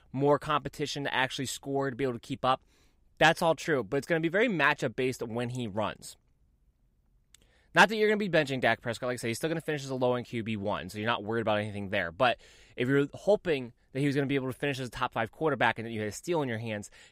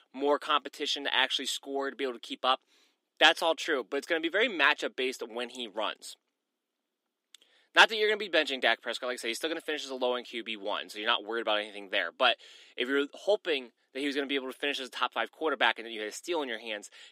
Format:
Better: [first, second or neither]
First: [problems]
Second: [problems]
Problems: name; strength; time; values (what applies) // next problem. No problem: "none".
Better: first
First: none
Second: thin; somewhat; fading below 250 Hz